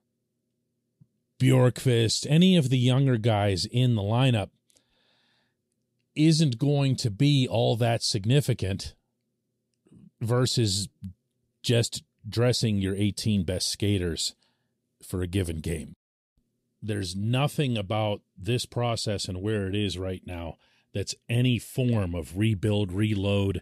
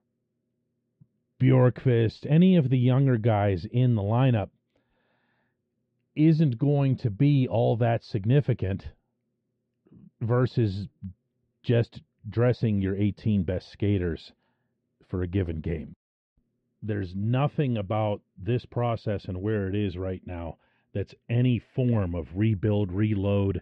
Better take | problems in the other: first | muffled; very; fading above 2 kHz

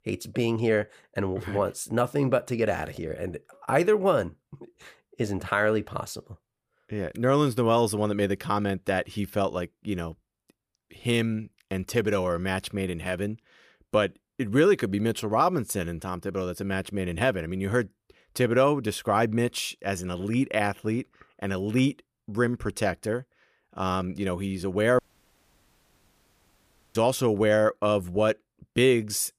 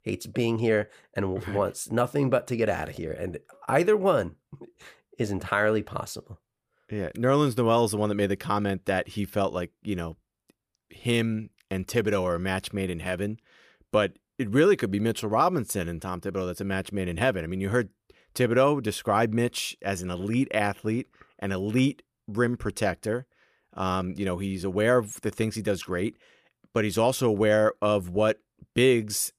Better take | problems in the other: second | audio cutting out; at 25 s for 2 s

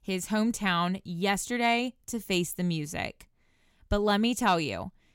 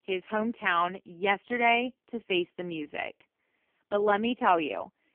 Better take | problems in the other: first | phone-call audio; poor line; nothing above 3 kHz

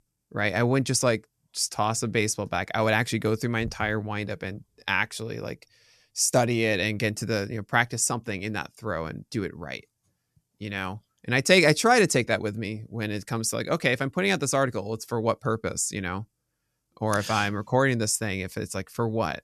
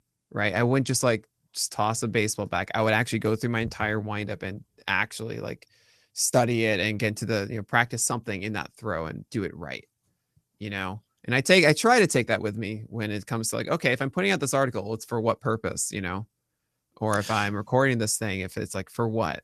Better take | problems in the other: first | garbled, watery; slightly; nothing above 13.5 kHz

